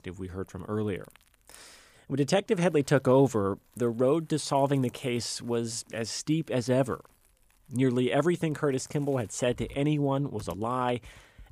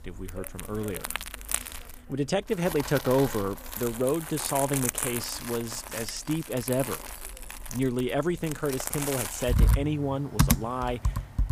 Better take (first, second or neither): first